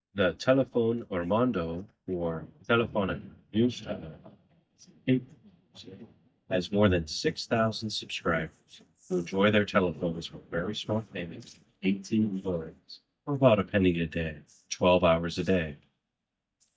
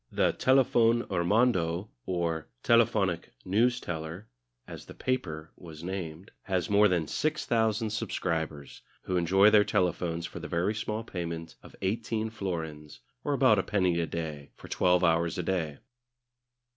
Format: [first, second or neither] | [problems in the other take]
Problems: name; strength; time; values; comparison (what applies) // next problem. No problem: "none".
second | noise reduction (neural mask model DeepFilterNet 3)